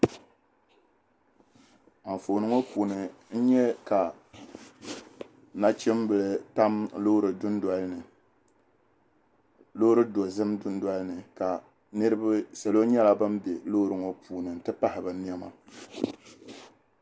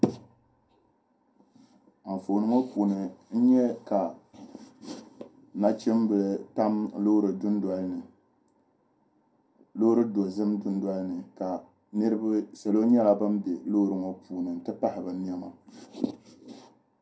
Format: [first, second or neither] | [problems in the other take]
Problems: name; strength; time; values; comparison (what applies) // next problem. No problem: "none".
first | room echo; dies away in 0.2 s